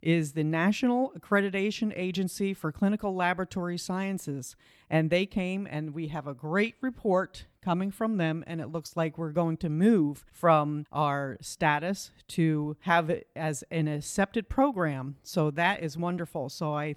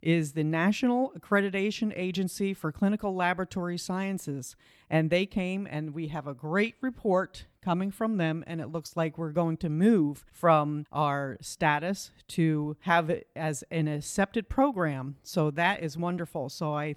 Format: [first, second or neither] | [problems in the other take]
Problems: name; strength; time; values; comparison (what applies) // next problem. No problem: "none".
neither | none